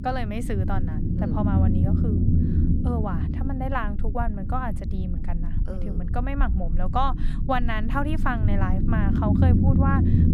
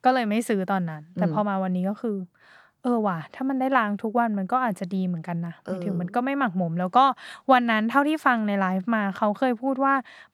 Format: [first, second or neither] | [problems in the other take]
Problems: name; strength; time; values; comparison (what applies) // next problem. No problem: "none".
second | low rumble; loud; throughout; 5 dB below the speech